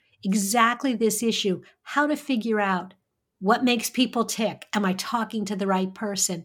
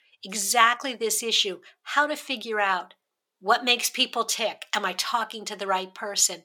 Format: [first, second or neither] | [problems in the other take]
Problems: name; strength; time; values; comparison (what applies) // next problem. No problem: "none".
first | thin; very; fading below 550 Hz